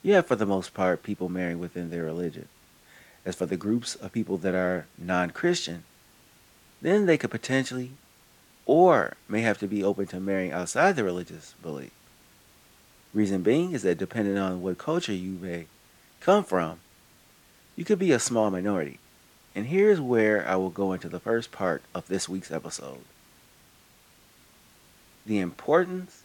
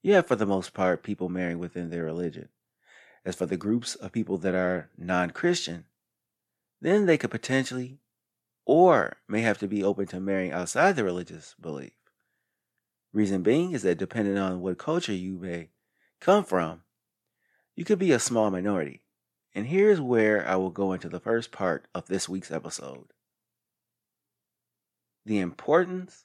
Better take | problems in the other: second | hiss; faint; throughout; 30 dB below the speech

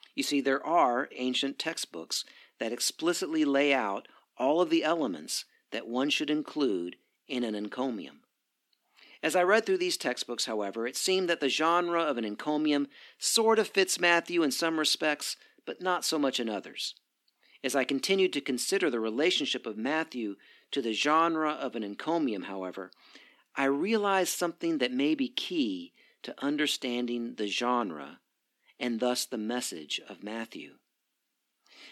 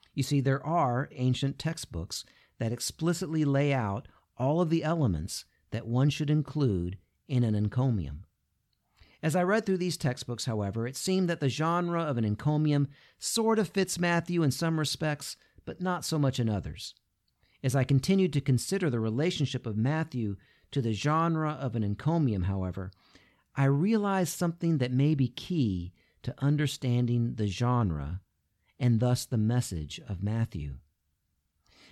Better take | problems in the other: second | thin; somewhat; fading below 250 Hz

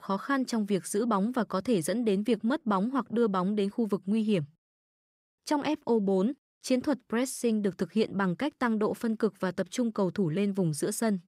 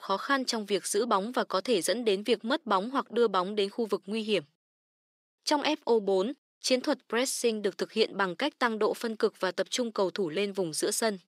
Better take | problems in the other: first | thin; somewhat; fading below 400 Hz

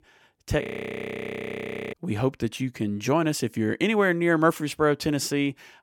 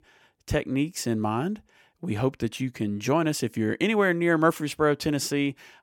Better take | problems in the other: second | audio freezing; at 0.5 s for 1.5 s

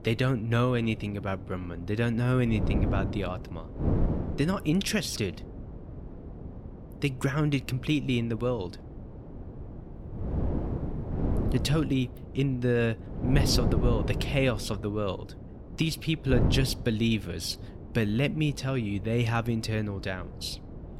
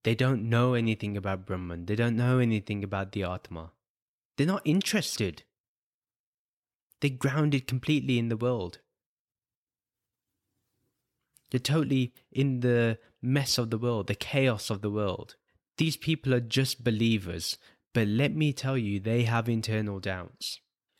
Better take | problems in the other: second | wind noise on the microphone; occasional gusts; 10 dB below the speech

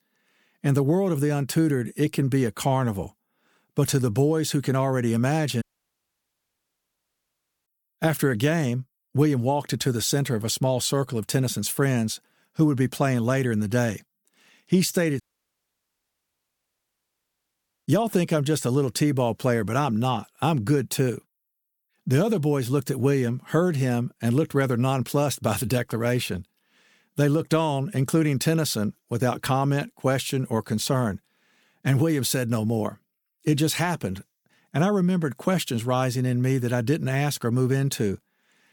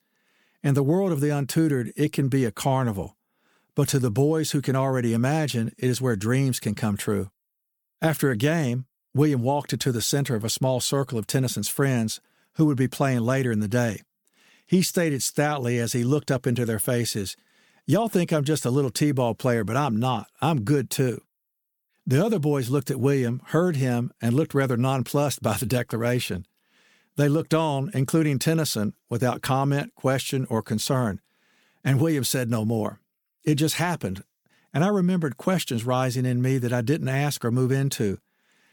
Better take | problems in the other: second | audio cutting out; at 5.5 s for 2 s and at 15 s for 2.5 s

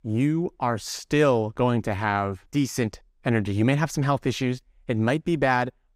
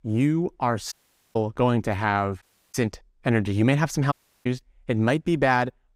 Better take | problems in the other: first | audio cutting out; at 1 s, at 2.5 s and at 4 s

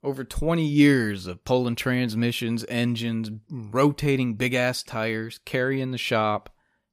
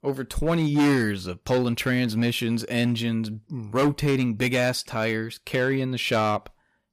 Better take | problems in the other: first | distortion; slight; 6% of the sound clipped

